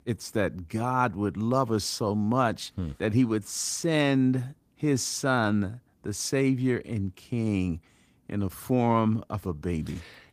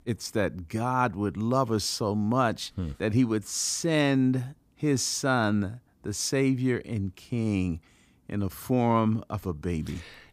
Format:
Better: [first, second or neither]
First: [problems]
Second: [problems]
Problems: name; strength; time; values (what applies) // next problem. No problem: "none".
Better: second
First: garbled, watery; slightly; nothing above 15 kHz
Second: none